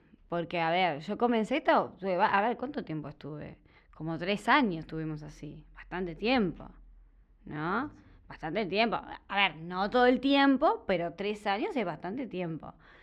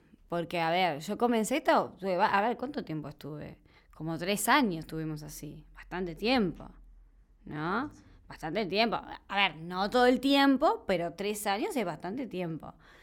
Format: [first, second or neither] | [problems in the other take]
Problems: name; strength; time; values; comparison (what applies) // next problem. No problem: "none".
second | muffled; very slightly; fading above 3 kHz